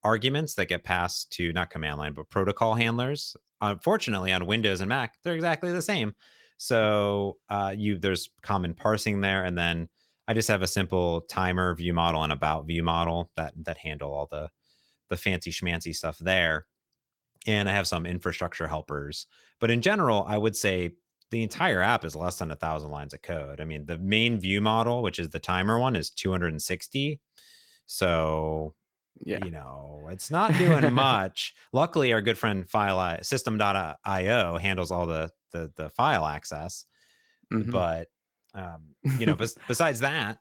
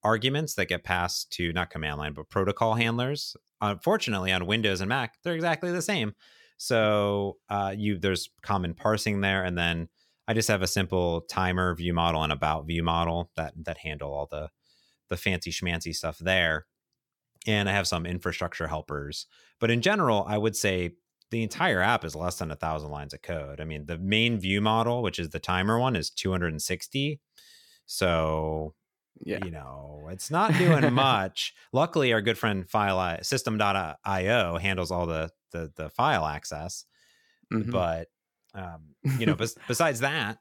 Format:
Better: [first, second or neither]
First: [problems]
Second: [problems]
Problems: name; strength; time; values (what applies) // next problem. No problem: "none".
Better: second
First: garbled, watery; slightly; nothing above 17 kHz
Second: none